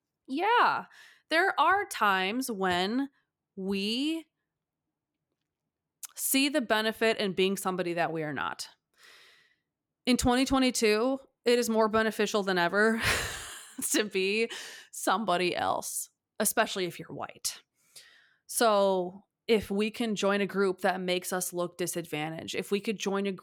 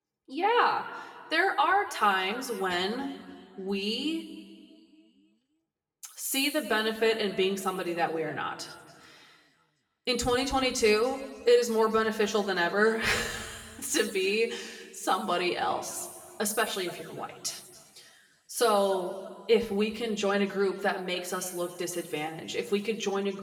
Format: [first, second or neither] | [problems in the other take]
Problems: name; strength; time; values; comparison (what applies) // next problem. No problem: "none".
first | room echo; noticeable; dies away in 1.5 s // off-mic speech; somewhat distant